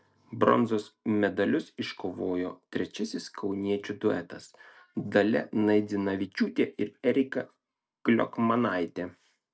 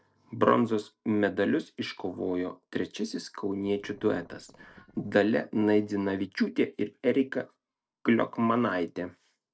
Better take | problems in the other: first | noise reduction (neural separator model SepFormer DNS4)

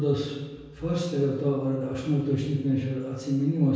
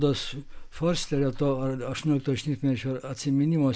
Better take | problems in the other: second | room echo; dies away in 1.2 s

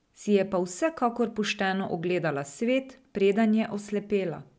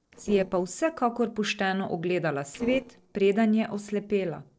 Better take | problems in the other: first | noise reduction (neural separator model SepFormer DNS4)

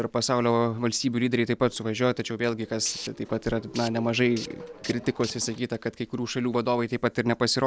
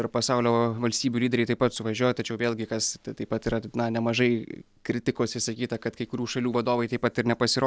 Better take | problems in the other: second | background sound (Tools); 15 dB below the speech

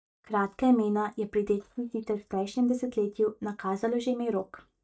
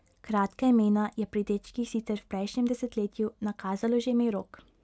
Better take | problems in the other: second | noise reduction (neural mask model DeepFilterNet 3)

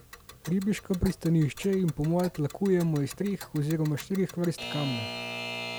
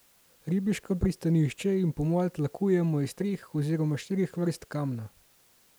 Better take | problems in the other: second | background sound (Alarm / Clock); 12 dB below the speech

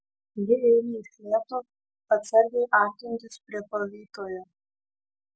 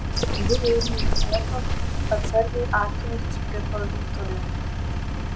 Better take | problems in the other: first | background sound (Bird + Engine); 4 dB above the speech

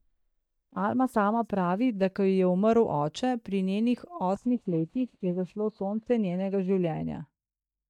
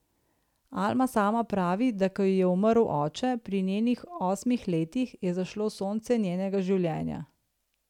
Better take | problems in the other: second | noise reduction (neural mask model DeepFilterNet 3)

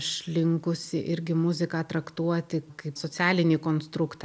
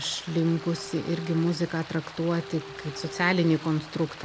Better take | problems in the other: first | background sound (Stream + Bowed string instrument); 14 dB below the speech

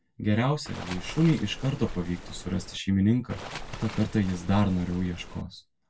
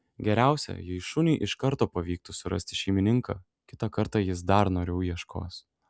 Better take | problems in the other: second | background sound (Waves, surf); 12 dB below the speech // room echo; dies away in 0.1 s

